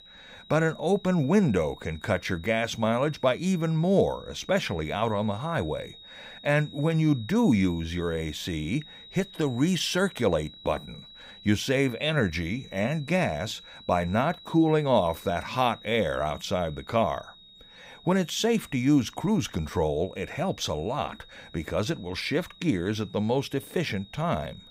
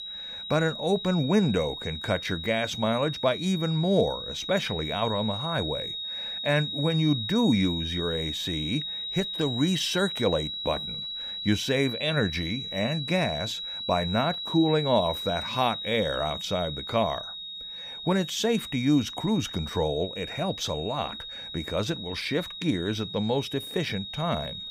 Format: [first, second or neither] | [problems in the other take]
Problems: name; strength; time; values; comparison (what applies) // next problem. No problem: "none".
first | high-pitched whine; loud; throughout; 4 kHz, 5 dB below the speech; faint in the first